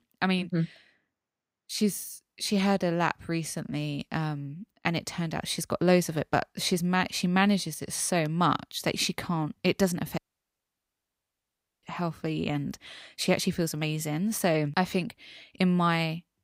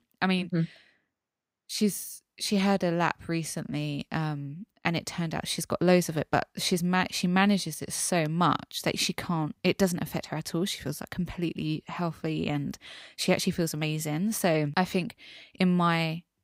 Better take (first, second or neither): second